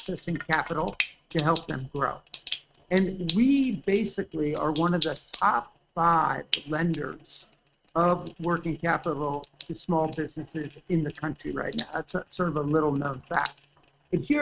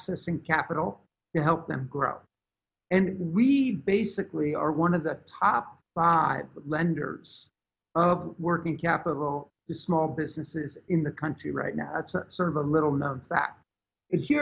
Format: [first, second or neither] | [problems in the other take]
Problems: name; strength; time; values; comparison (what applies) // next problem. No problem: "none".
second | noise reduction (neural mask model RNNoise)